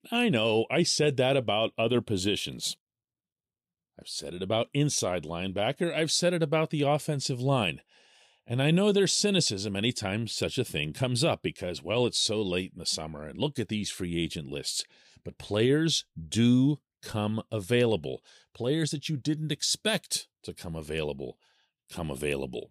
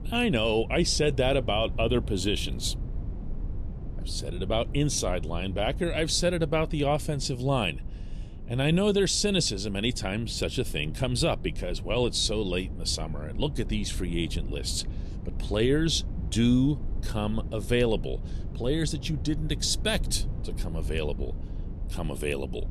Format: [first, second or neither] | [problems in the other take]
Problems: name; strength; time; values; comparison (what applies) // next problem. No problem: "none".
first | low rumble; faint; throughout; 20 dB below the speech